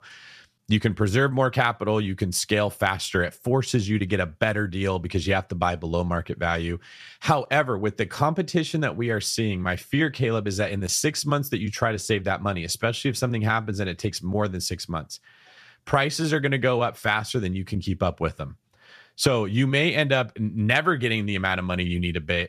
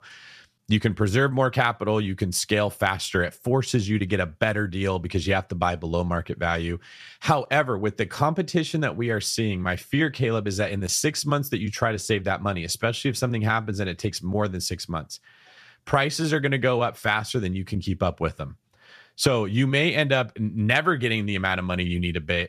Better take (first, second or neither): neither